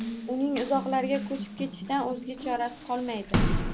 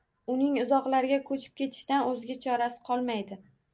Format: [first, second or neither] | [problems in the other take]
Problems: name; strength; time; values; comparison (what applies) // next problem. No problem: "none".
second | background sound (Water tap, faucet); 1 dB below the speech